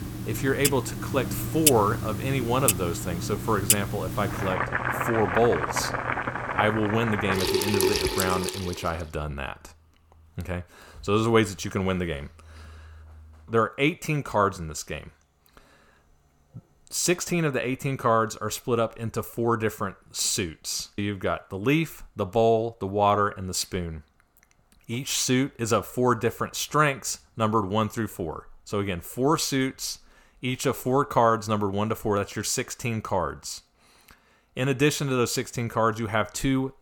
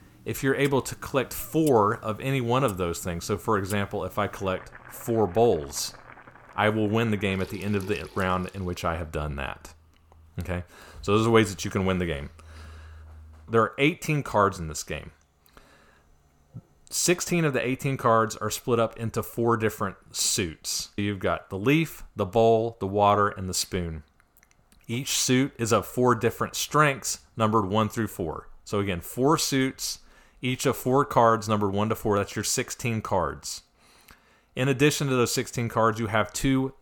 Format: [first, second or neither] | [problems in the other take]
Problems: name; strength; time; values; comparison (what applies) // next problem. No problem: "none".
second | household noises; loud; until 8.5 s; 1 dB below the speech; faint in the second